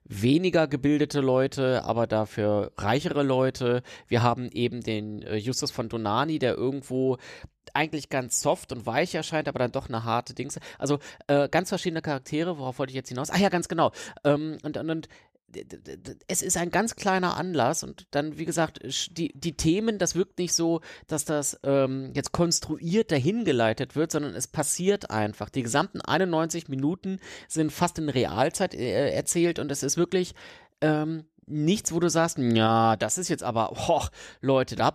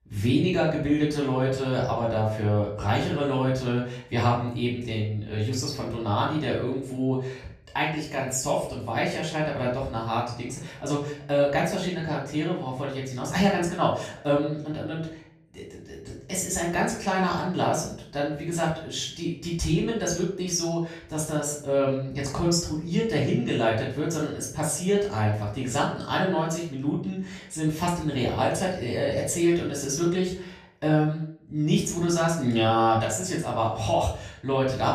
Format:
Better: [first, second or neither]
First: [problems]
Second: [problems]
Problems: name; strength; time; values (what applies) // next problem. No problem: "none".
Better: first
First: none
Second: off-mic speech; far // room echo; noticeable; dies away in 0.5 s